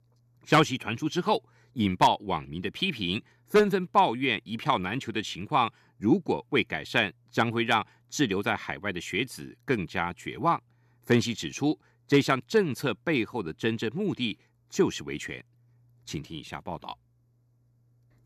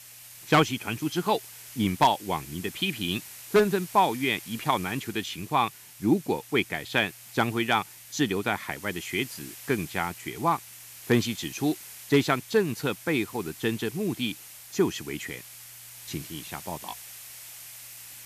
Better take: first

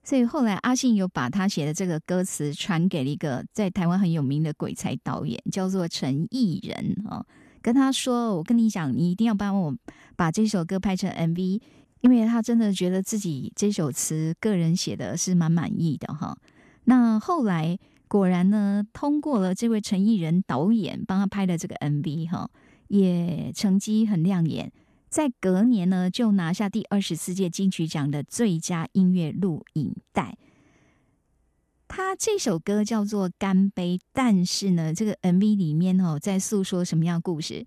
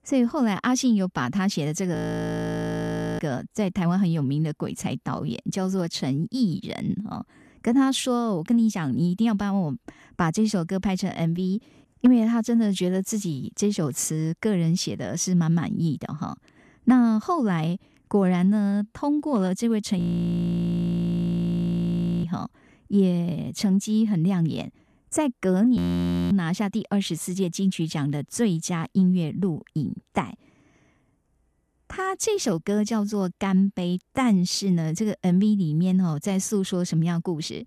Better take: first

